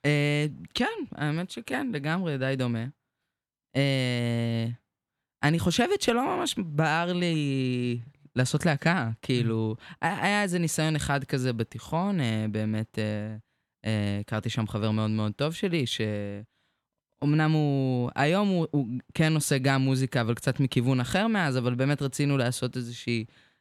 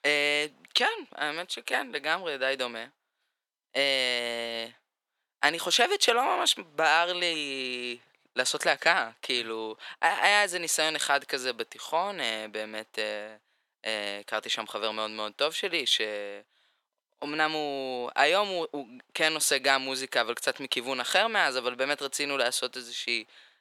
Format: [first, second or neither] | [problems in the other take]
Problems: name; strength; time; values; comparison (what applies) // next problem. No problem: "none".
first | thin; very; fading below 500 Hz